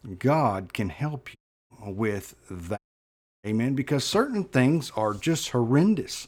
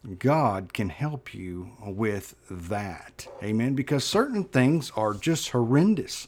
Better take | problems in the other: second | audio cutting out; at 1.5 s and at 3 s for 0.5 s

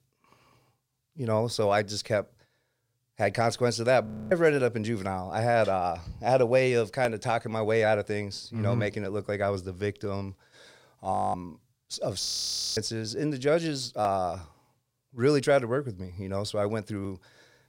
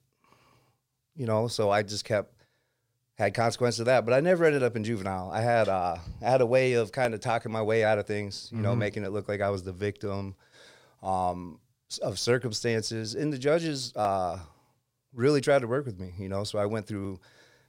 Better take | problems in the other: second | audio freezing; at 4 s, at 11 s and at 12 s for 0.5 s

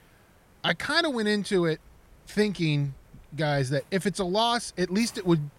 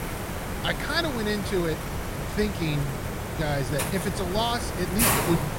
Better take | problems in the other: first | hiss; loud; throughout; 1 dB below the speech; faint in the first

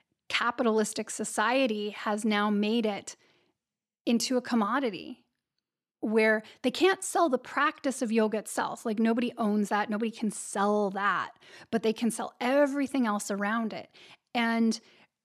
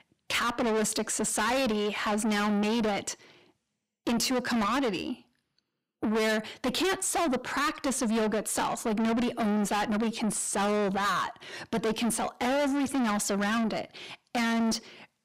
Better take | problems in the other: first | distortion; heavy; 5 dB below the speech

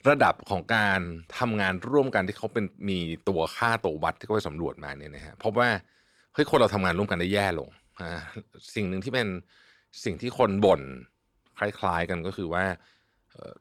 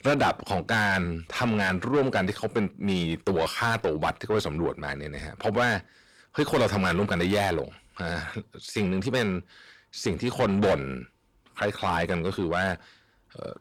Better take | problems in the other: first | distortion; heavy; 6 dB below the speech

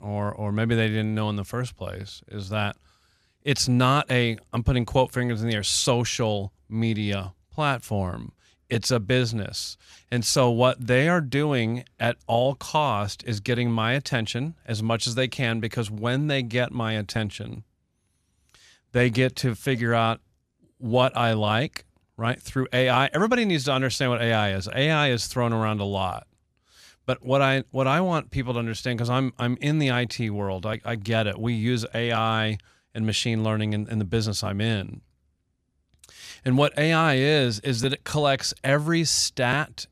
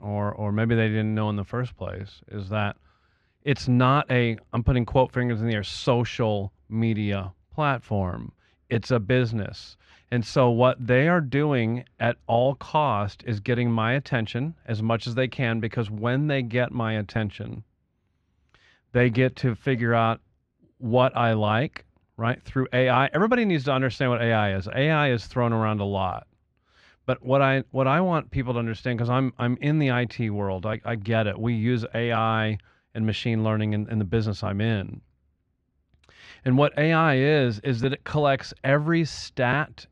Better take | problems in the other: first | muffled; slightly; fading above 2.5 kHz

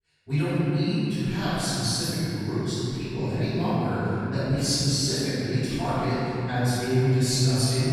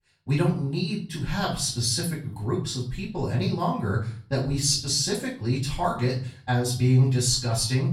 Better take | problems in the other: second | room echo; strong; dies away in 3 s; slight in the second // off-mic speech; far; far in the second

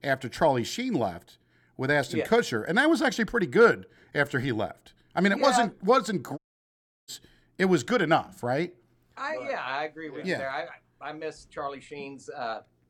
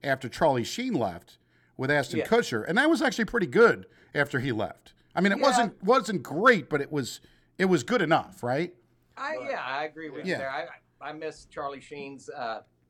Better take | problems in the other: second | audio cutting out; at 6.5 s for 0.5 s

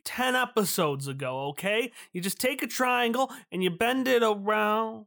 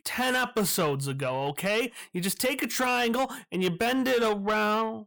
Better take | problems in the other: first | distortion; slight; 10 dB below the speech

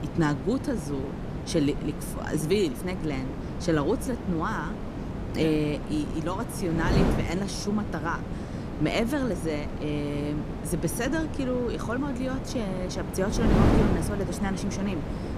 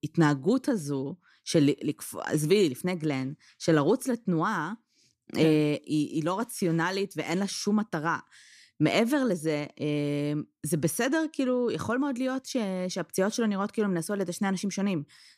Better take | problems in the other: second | wind noise on the microphone; heavy; 5 dB below the speech

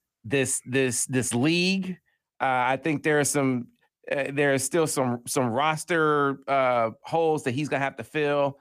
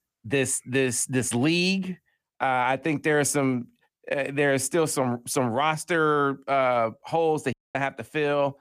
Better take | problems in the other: first | audio cutting out; at 7.5 s

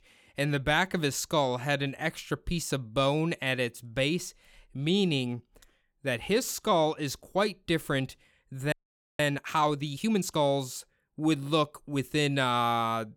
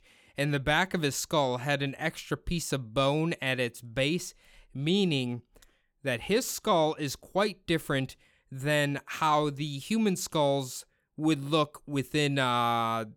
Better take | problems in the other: second | audio freezing; at 8.5 s

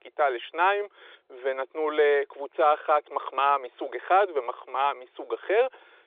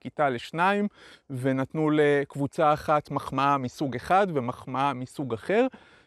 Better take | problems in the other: second | phone-call audio; nothing above 3.5 kHz

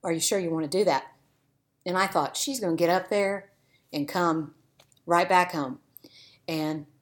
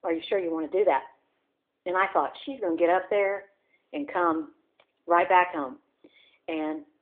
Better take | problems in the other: first | phone-call audio

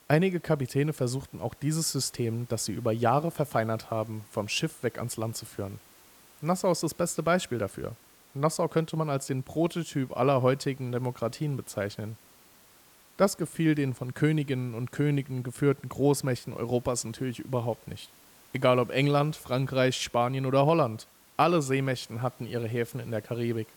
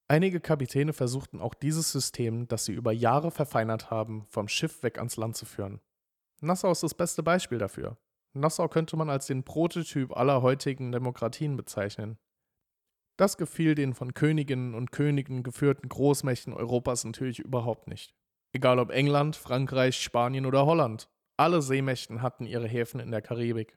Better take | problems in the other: second | hiss; faint; throughout; 25 dB below the speech

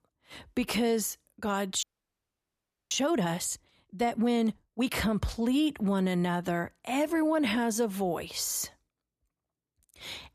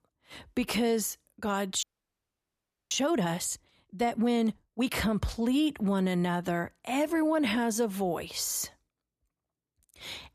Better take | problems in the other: neither | audio freezing; at 2 s for 1 s; the same in both

